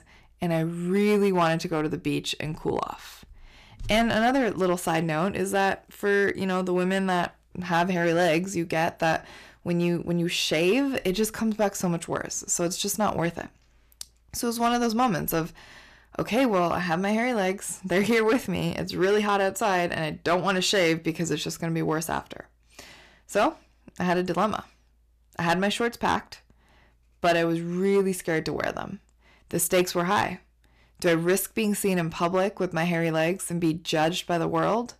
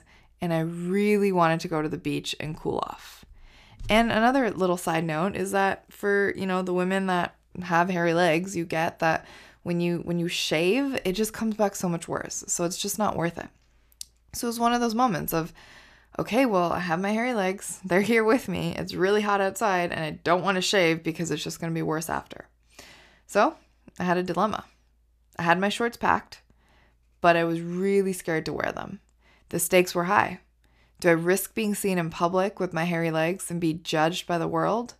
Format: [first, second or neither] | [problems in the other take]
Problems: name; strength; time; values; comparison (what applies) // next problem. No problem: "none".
second | distortion; slight; 4% of the sound clipped